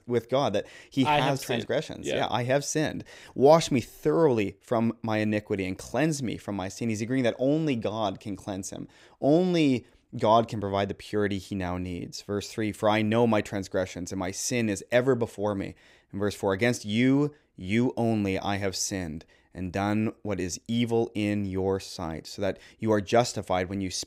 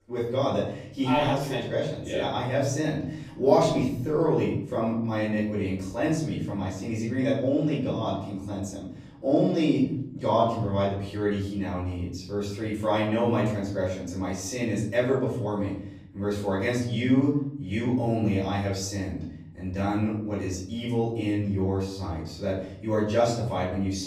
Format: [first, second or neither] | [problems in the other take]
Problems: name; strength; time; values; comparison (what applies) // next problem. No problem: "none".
first | off-mic speech; far // room echo; noticeable; dies away in 1 s